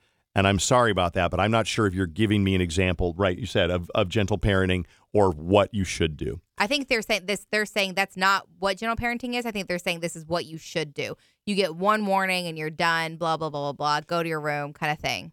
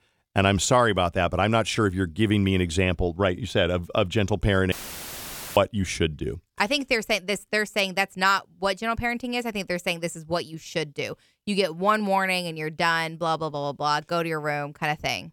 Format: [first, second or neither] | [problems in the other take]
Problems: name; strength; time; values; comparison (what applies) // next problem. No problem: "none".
first | audio cutting out; filled with static; at 4.5 s for 1 s